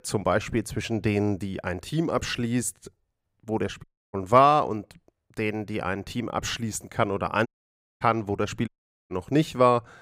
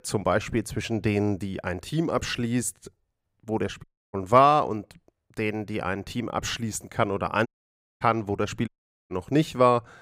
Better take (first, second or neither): neither